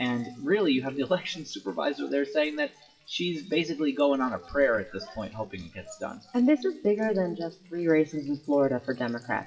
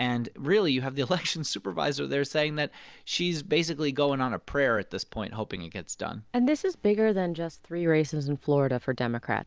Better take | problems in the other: second | noise reduction (classical method WPE with log-MMSE)

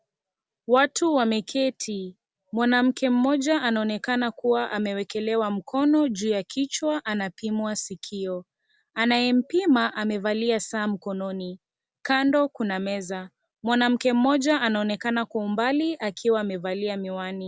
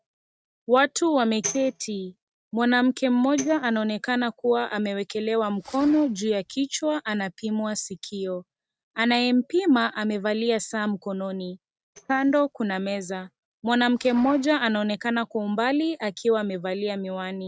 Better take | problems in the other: first | noise reduction (neural mask model RNNoise)

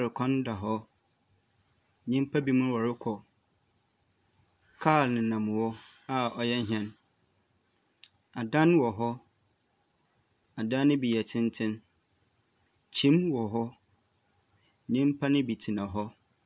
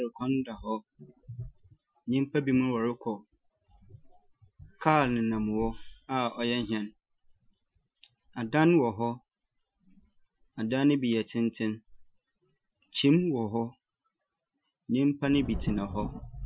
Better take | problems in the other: first | noise reduction (classical method Wiener filter)

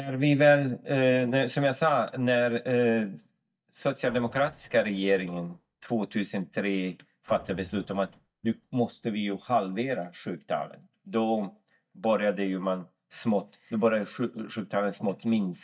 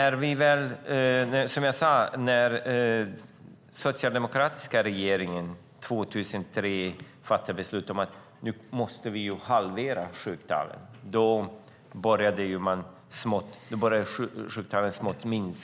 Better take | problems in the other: second | noise reduction (neural mask model DeepFilterNet 3)

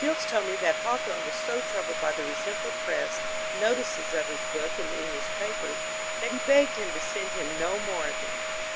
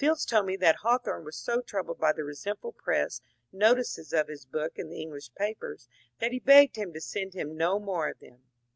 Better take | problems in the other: second | background sound (Domestic sounds, home sounds); as loud as the speech

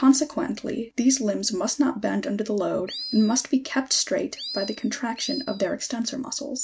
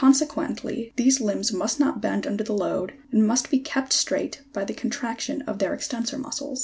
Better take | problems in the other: second | noise reduction (neural mask model RNNoise)

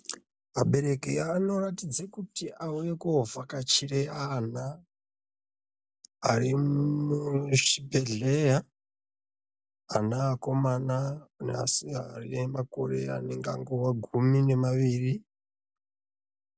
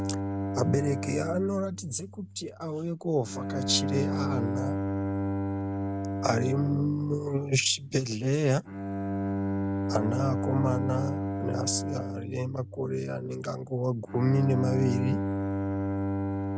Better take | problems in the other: first | background sound (Bowed string instrument); 2 dB below the speech

